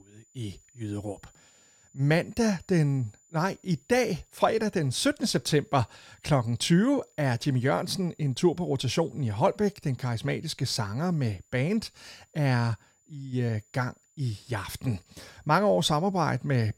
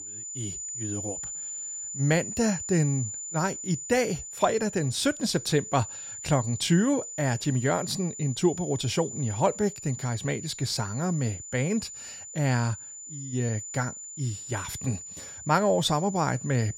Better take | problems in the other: first | high-pitched whine; loud; throughout; 7 kHz, 8 dB below the speech; faint in the first

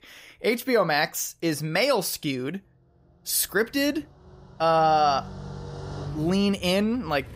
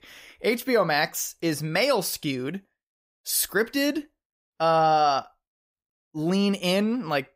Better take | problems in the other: second | traffic noise; noticeable; throughout; 15 dB below the speech

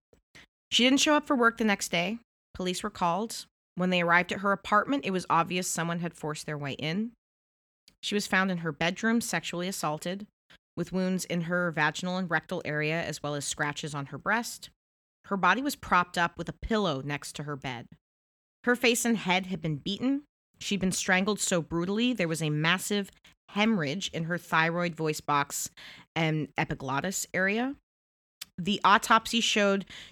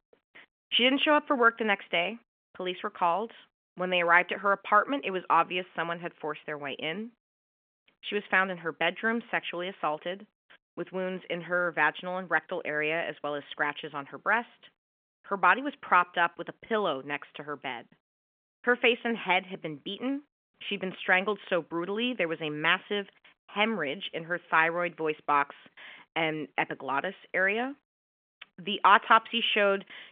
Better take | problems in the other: first | phone-call audio; nothing above 3.5 kHz

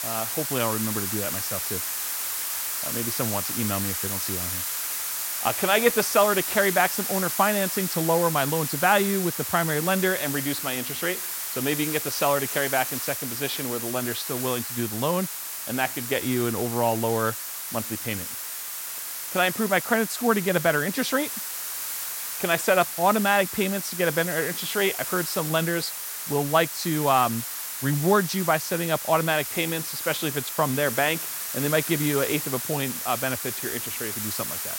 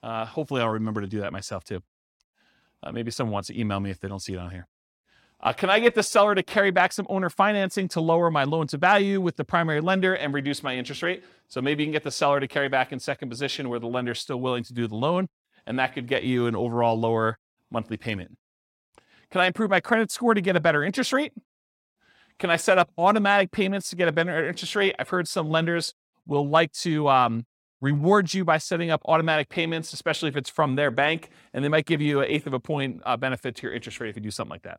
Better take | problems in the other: second | hiss; loud; throughout; 3 dB below the speech

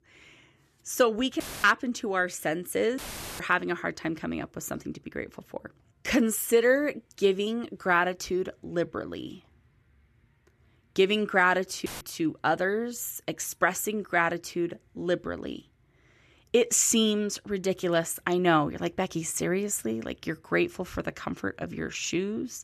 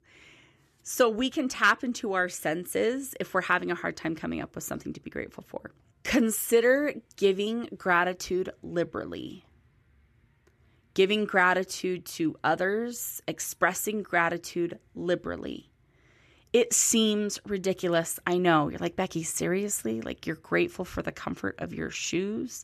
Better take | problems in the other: second | audio cutting out; filled with static; at 1.5 s, at 3 s and at 12 s

